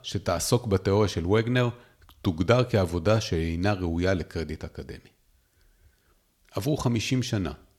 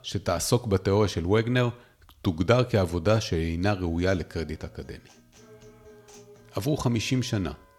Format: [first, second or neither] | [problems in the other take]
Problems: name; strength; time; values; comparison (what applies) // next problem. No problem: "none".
first | background music; faint; from 4 s on; 25 dB below the speech